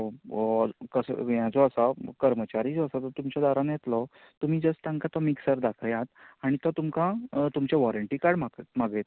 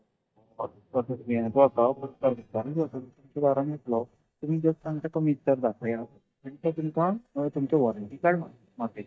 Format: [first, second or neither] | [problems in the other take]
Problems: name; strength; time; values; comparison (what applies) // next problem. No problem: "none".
first | noise reduction (neural mask model DeepFilterNet 3)